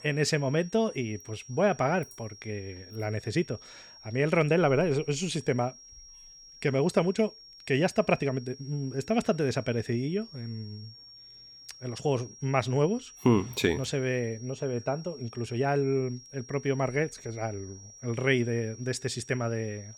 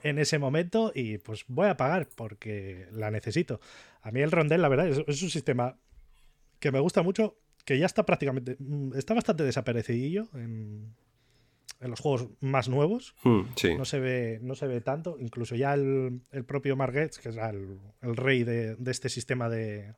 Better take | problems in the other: second | high-pitched whine; noticeable; throughout; 5.5 kHz, 20 dB below the speech

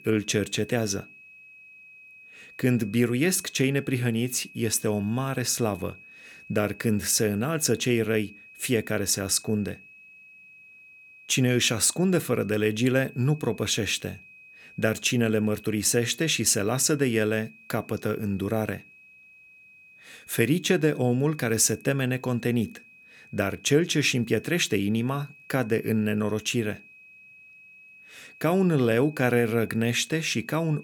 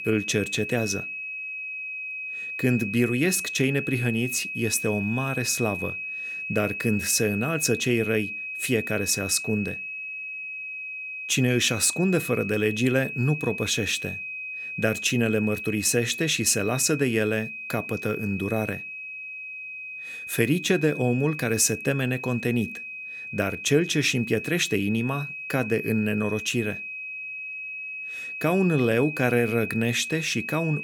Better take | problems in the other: first | high-pitched whine; loud; throughout; 2.5 kHz, 7 dB below the speech; faint in the first

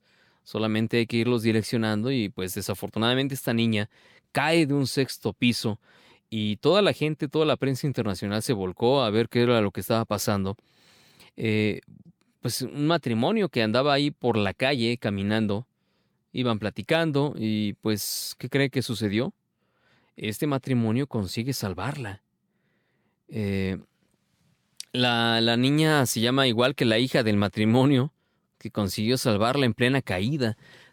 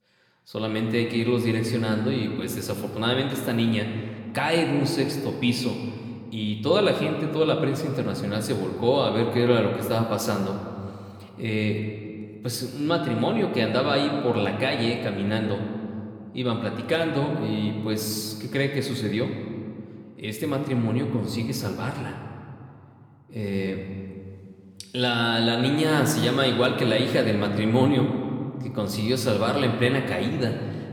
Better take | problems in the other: first | room echo; slight; dies away in 2 s

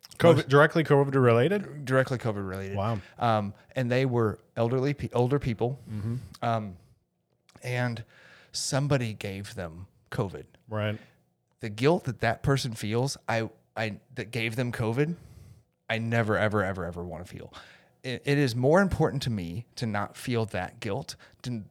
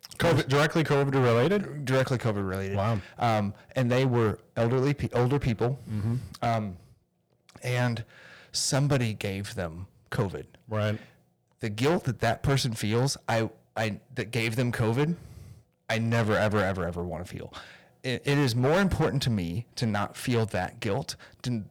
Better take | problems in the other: first | distortion; heavy; 8% of the sound clipped

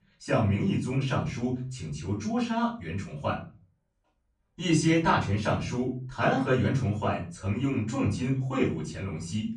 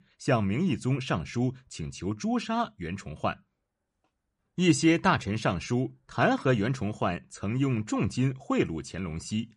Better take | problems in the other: second | off-mic speech; far // room echo; slight; dies away in 0.3 s

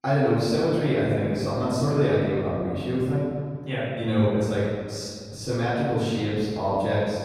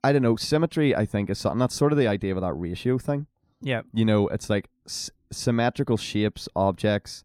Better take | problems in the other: second | room echo; strong; dies away in 1.8 s // off-mic speech; far

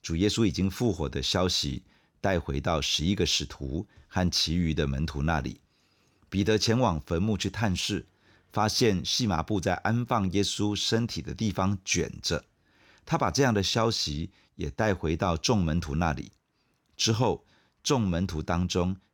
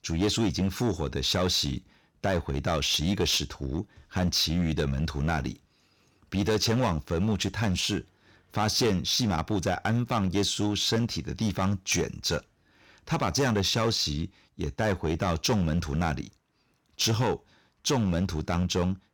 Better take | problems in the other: first | distortion; slight; 8% of the sound clipped

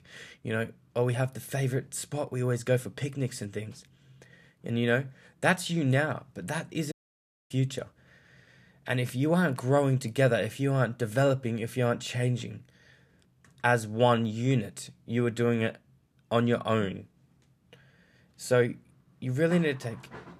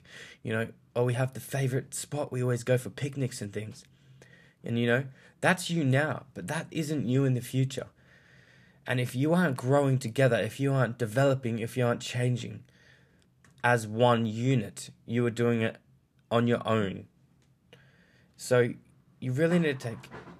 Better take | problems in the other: second | audio cutting out; at 7 s for 0.5 s

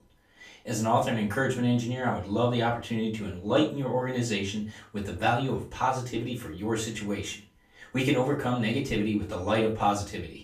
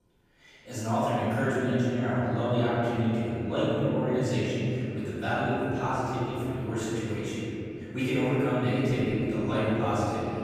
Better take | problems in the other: first | room echo; strong; dies away in 3 s; slight in the first // off-mic speech; far; far in the first

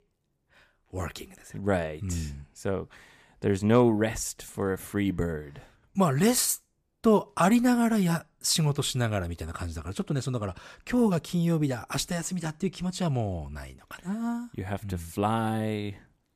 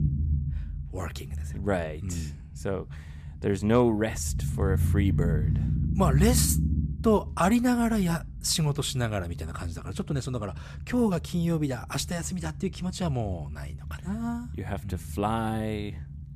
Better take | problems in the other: first | low rumble; noticeable; throughout; 15 dB below the speech

